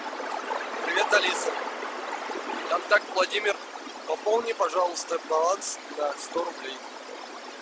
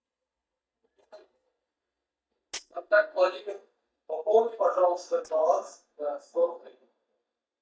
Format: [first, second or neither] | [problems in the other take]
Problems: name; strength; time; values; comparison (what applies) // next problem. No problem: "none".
first | noise reduction (neural mask model DeepFilterNet 3)